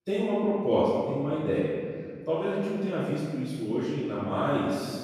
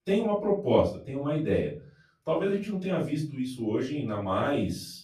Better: second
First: room echo; strong; dies away in 1.8 s // off-mic speech; far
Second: room echo; slight; dies away in 0.4 s // off-mic speech; far

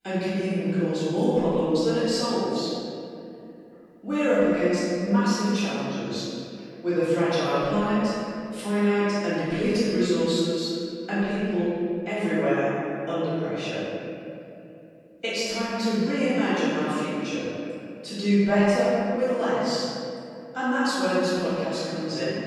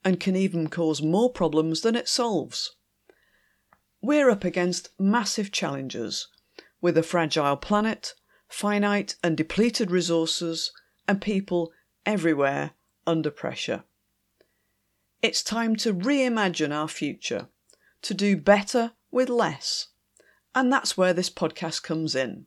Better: second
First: off-mic speech; far // room echo; strong; dies away in 2.5 s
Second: none

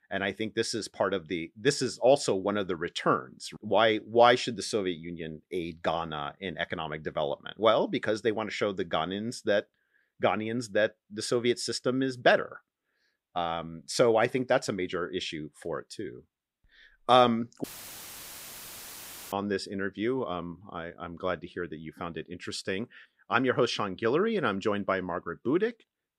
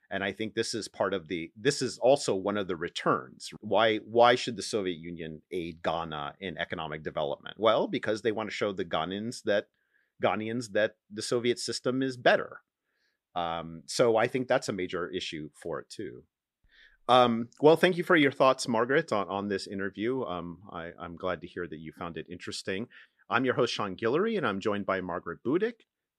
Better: second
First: audio cutting out; filled with static; at 18 s for 1.5 s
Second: none

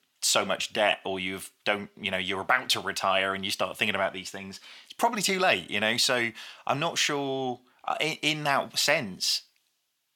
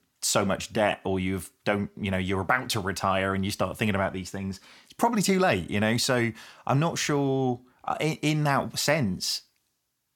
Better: second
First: thin; somewhat; fading below 1 kHz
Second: none

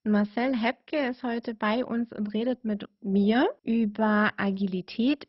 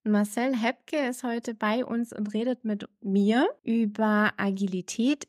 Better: second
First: garbled, watery; badly; nothing above 5.5 kHz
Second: none

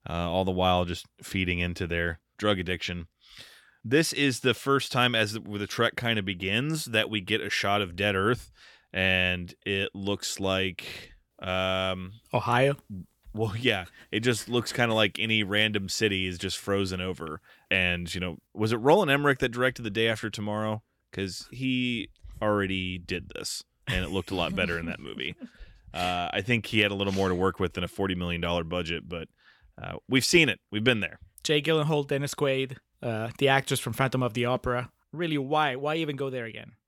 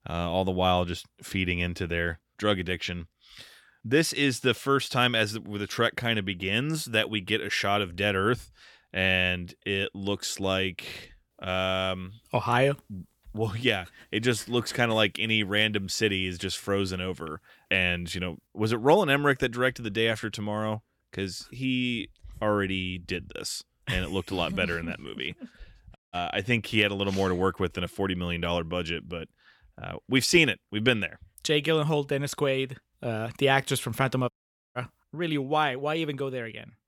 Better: first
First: none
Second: audio cutting out; at 26 s and at 34 s

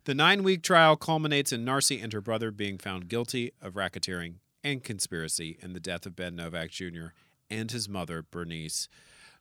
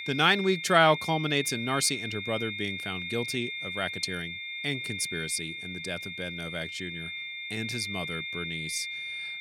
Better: first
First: none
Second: high-pitched whine; loud; throughout; 2 kHz, 5 dB below the speech

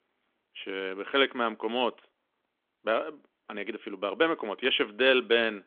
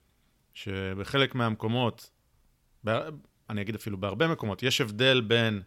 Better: second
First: phone-call audio; nothing above 3.5 kHz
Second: none

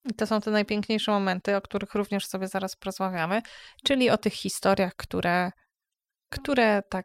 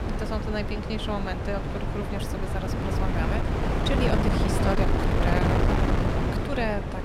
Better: first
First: none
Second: wind noise on the microphone; heavy; 2 dB above the speech

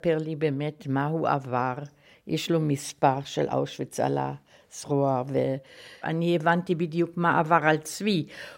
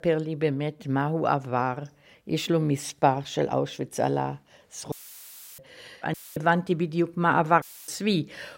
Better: first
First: none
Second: audio cutting out; filled with static; at 5 s for 0.5 s, at 6 s and at 7.5 s

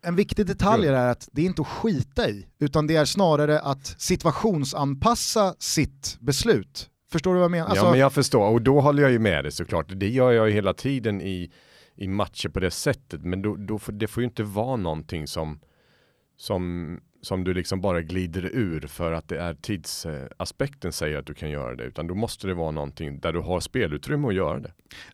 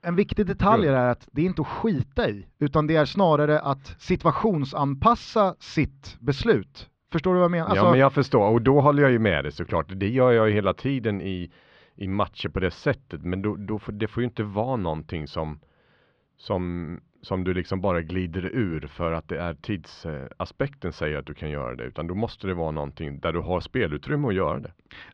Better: first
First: none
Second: muffled; slightly; fading above 3.5 kHz

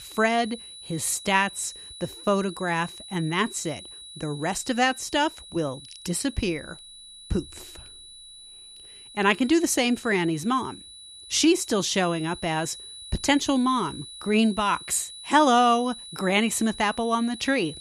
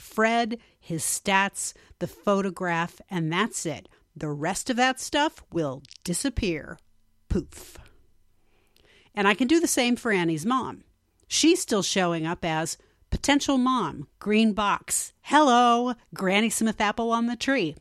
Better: second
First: high-pitched whine; noticeable; throughout; 4 kHz, 15 dB below the speech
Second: none

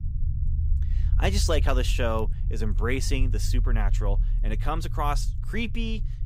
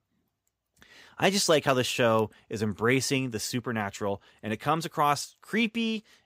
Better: second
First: low rumble; noticeable; throughout; 15 dB below the speech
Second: none

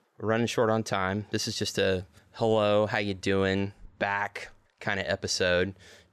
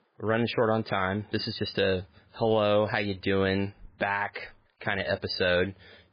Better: first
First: none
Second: garbled, watery; badly

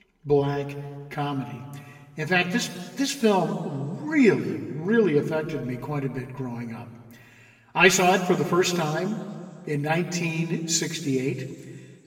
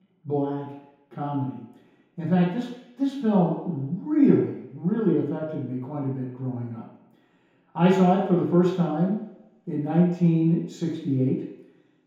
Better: first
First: room echo; slight; dies away in 1.6 s // off-mic speech; somewhat distant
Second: room echo; strong; dies away in 0.8 s // off-mic speech; far

